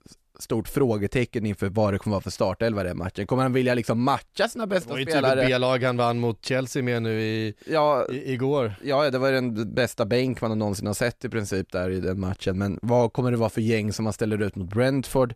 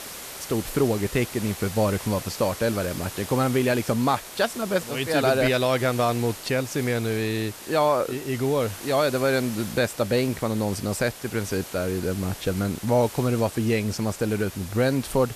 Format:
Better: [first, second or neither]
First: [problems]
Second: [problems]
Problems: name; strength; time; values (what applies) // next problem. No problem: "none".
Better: first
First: none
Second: hiss; noticeable; throughout; 10 dB below the speech